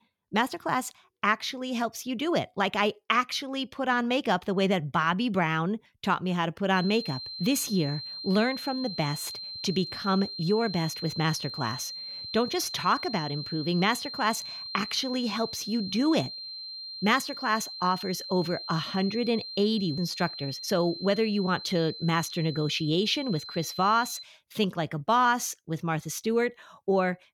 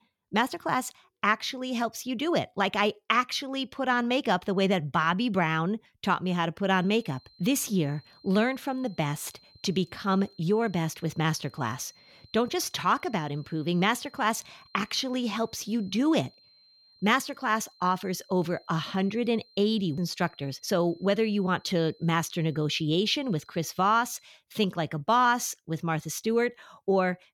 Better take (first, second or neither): second